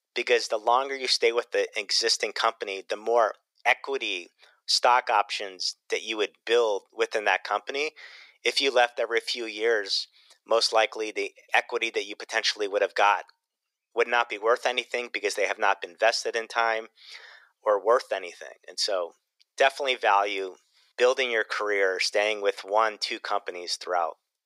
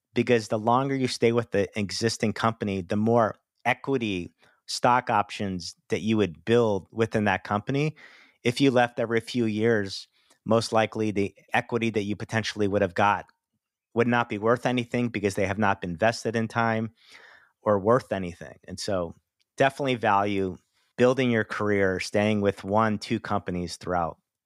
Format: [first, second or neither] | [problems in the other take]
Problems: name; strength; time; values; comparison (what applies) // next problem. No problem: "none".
second | thin; very; fading below 400 Hz